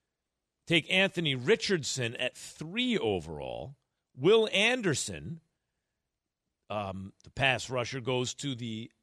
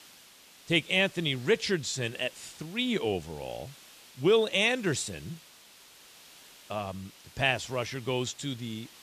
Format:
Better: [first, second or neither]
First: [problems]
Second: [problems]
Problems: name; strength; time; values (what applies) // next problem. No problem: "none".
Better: first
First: none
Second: hiss; faint; throughout; 20 dB below the speech